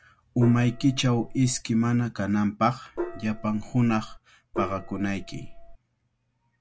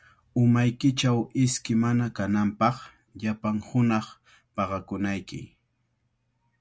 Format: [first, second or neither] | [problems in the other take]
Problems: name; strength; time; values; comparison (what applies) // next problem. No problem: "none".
second | background sound (Gong); 10 dB below the speech